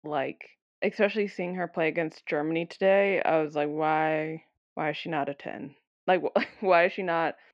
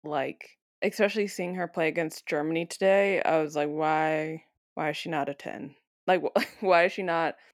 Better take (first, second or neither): second